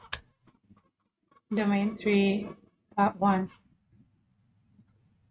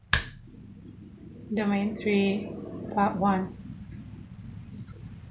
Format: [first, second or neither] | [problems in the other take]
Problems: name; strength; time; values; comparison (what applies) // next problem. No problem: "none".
second | noise reduction (neural mask model RNNoise)